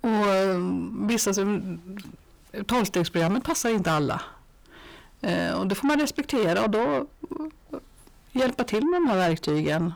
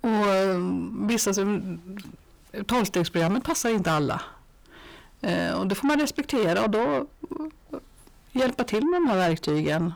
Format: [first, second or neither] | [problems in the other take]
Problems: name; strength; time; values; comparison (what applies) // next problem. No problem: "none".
neither | distortion; heavy; 7 dB below the speech; the same in both